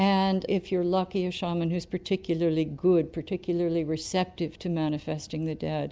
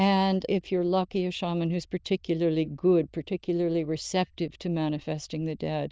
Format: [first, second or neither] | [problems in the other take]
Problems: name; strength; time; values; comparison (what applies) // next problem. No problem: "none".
first | noise reduction (neural diffusion model UNIVERSE++)